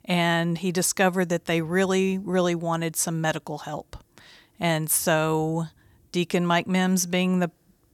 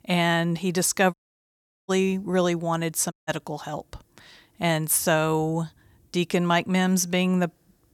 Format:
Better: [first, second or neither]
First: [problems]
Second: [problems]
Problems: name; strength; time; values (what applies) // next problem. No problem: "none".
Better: first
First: none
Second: audio cutting out; at 1 s for 0.5 s and at 3 s